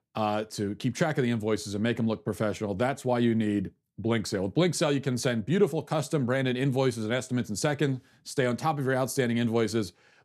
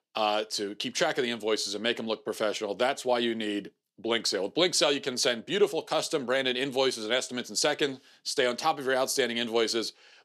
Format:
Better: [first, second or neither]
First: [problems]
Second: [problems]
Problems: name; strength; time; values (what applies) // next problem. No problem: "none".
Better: first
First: none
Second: thin; somewhat; fading below 450 Hz